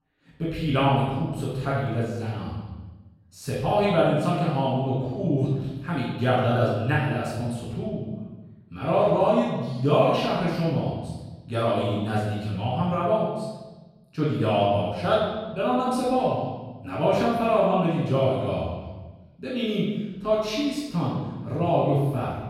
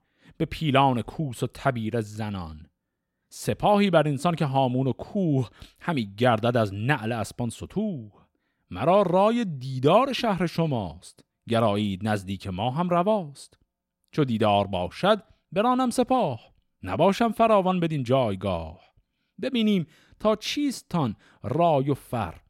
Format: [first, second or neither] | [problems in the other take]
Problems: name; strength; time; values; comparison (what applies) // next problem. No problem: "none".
second | off-mic speech; far // room echo; strong; dies away in 1.2 s